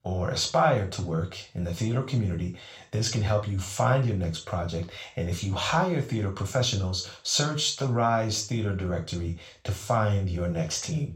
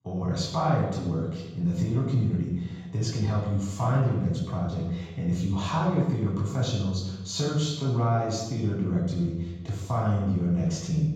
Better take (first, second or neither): first